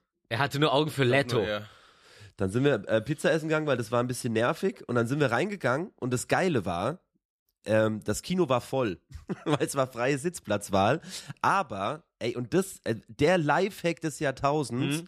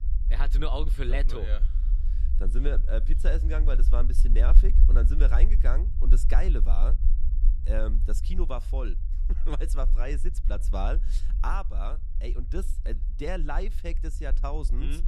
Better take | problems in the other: first | low rumble; noticeable; throughout; 15 dB below the speech

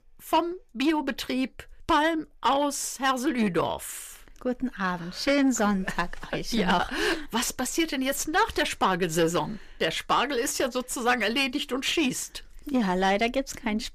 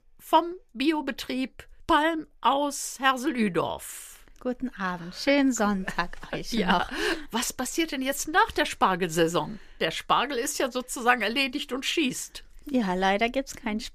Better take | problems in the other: second | distortion; slight; 10 dB below the speech

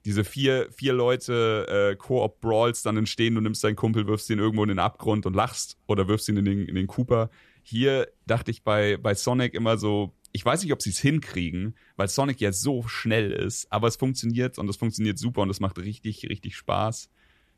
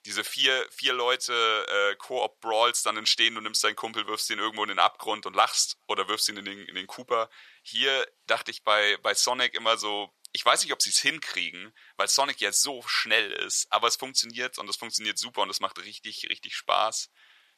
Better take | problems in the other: first | thin; very; fading below 900 Hz

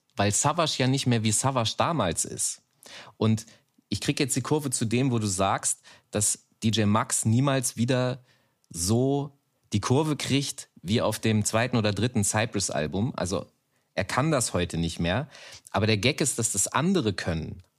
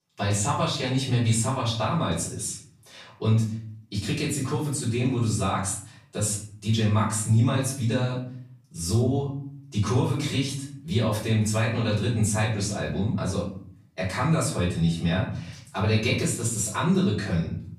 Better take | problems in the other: first | off-mic speech; far // room echo; noticeable; dies away in 0.6 s

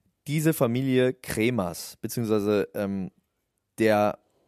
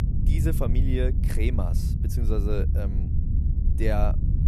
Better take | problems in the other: first | low rumble; loud; throughout; 7 dB below the speech

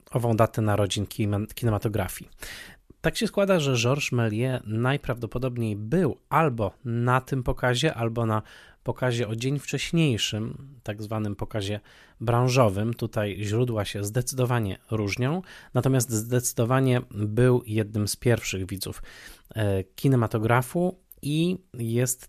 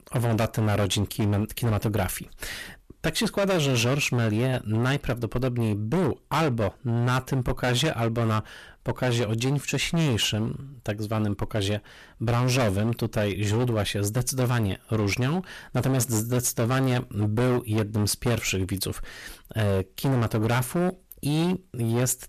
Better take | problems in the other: first | distortion; heavy; 19% of the sound clipped

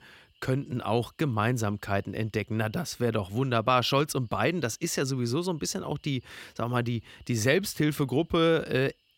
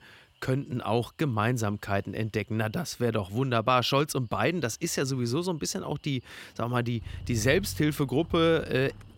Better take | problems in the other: first | traffic noise; noticeable; throughout; 15 dB below the speech

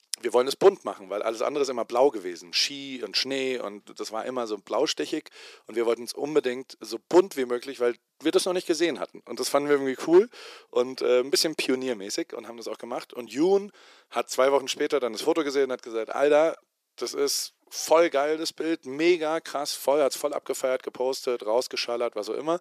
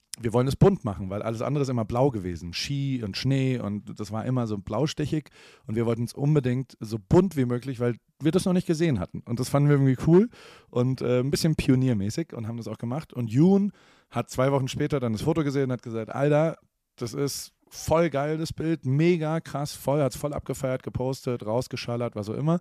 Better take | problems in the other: second | thin; very; fading below 350 Hz

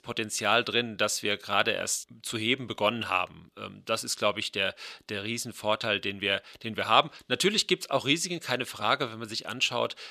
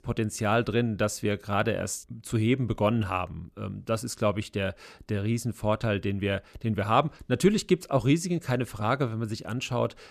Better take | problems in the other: second | thin; somewhat; fading below 700 Hz

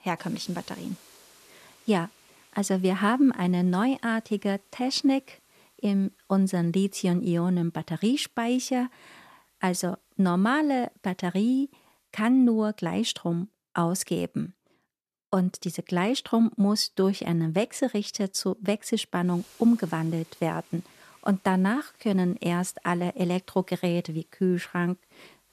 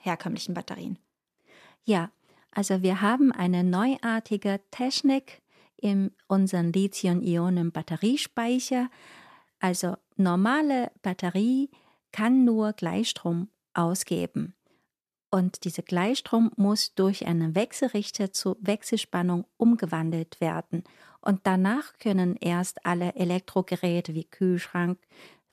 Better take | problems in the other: second | hiss; faint; until 12 s and from 19 s on; 30 dB below the speech

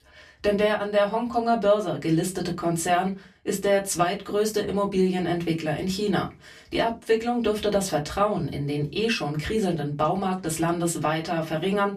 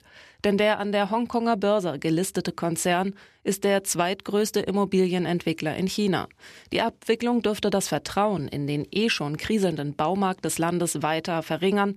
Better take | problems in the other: second | off-mic speech; far // room echo; very slight; dies away in 0.2 s

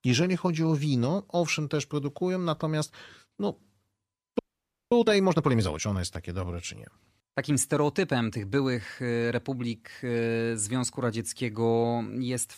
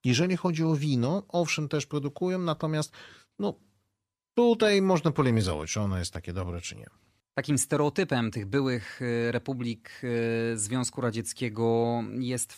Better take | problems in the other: second | audio freezing; at 4.5 s for 0.5 s

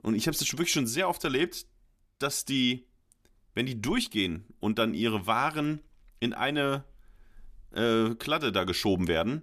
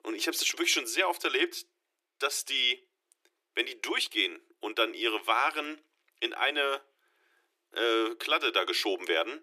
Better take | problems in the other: first | thin; very; fading below 350 Hz

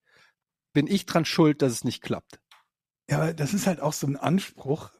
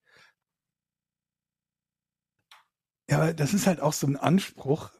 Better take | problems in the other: first | audio freezing; at 0.5 s for 1.5 s

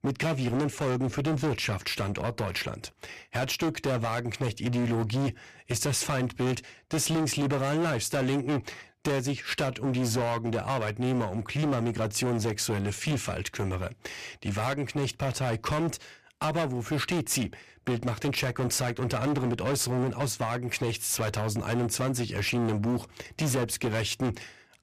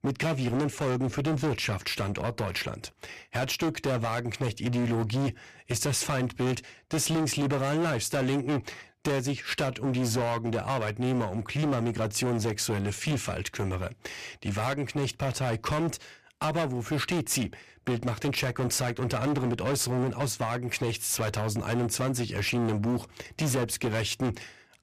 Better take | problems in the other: neither | distortion; heavy; 20% of the sound clipped; the same in both

